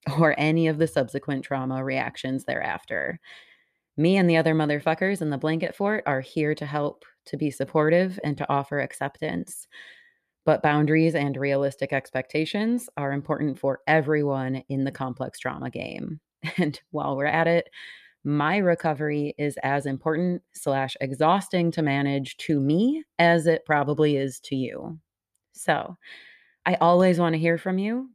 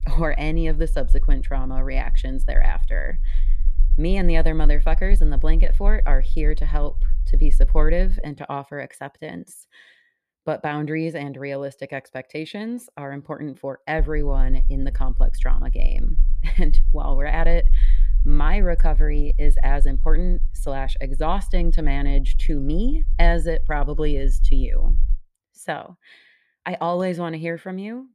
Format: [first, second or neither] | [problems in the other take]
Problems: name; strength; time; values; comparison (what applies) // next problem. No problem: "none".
first | low rumble; faint; until 8 s and from 14 to 25 s; 25 dB below the speech